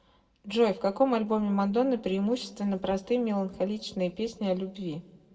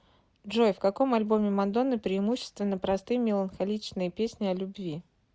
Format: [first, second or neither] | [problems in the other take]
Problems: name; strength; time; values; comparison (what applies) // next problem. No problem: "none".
second | room echo; dies away in 0.9 s